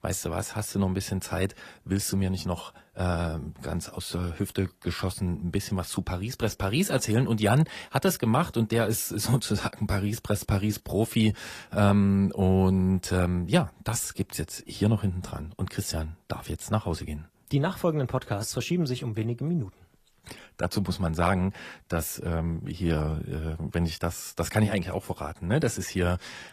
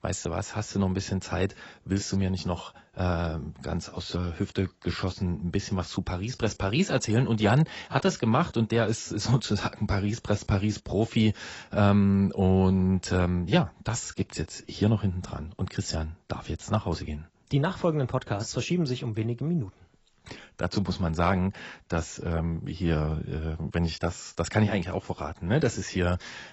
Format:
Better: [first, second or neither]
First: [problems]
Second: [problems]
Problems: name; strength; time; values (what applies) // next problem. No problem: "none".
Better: first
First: garbled, watery; slightly; nothing above 14.5 kHz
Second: garbled, watery; badly; nothing above 8 kHz